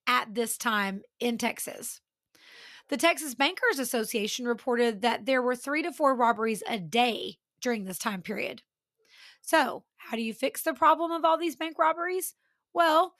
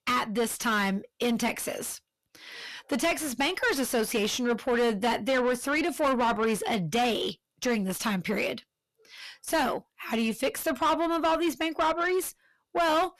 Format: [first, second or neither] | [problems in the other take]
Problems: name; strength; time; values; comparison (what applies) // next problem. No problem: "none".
first | distortion; heavy; 6 dB below the speech